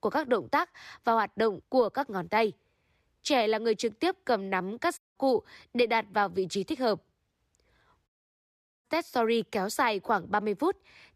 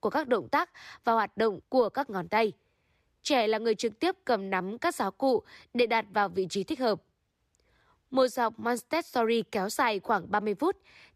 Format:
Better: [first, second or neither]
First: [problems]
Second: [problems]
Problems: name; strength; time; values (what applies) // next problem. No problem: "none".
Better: second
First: audio cutting out; at 5 s and at 8 s for 1 s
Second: none